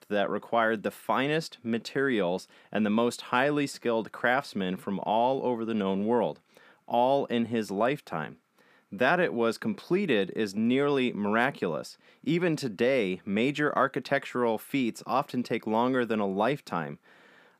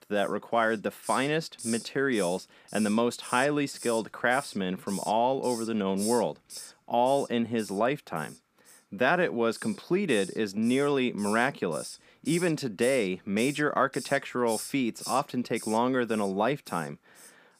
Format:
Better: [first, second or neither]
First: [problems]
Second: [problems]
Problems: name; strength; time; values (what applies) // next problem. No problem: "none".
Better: first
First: none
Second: hiss; noticeable; throughout; 15 dB below the speech